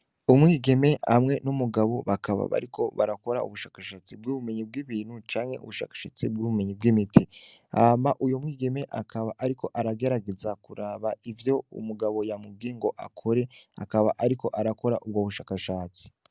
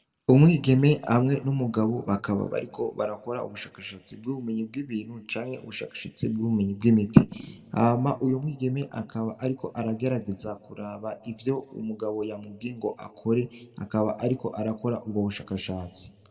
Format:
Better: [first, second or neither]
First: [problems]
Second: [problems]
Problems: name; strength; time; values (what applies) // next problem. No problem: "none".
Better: first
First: none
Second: room echo; dies away in 1.2 s